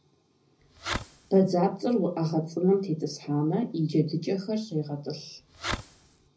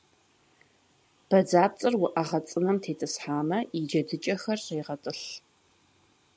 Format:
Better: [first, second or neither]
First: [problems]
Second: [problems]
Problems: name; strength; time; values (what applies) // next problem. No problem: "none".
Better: second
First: background sound (Fireworks); 9 dB below the speech // room echo; dies away in 0.4 s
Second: none